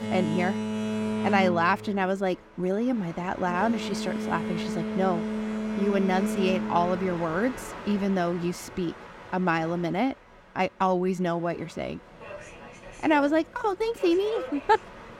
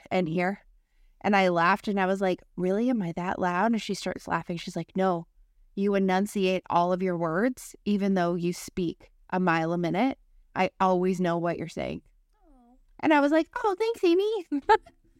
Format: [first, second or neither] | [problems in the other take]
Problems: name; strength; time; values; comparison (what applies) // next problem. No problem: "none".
second | train or aircraft noise; loud; throughout; 6 dB below the speech